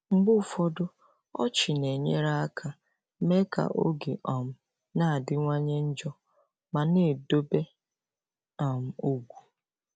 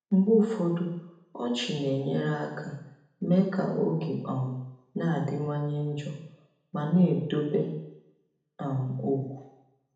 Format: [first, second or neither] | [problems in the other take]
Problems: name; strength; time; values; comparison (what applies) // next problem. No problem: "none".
first | room echo; dies away in 0.8 s